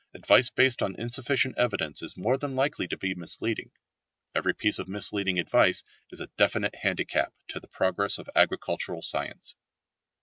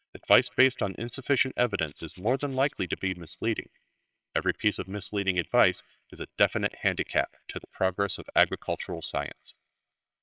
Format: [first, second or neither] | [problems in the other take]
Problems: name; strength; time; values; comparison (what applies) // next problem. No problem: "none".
first | noise reduction (neural separator model SepFormer WHAMR!)